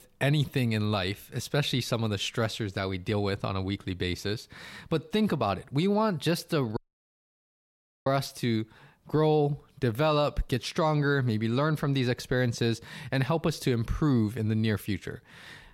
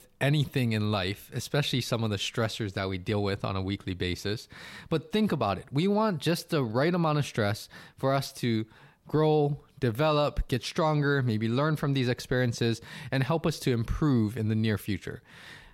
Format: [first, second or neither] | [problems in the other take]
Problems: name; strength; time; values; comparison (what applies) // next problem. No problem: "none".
second | audio cutting out; at 7 s for 1.5 s